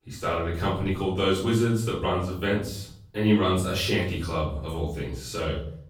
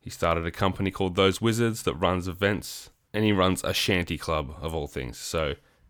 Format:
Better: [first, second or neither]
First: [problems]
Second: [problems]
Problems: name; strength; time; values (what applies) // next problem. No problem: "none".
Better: second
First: room echo; noticeable; dies away in 0.7 s // off-mic speech; far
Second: none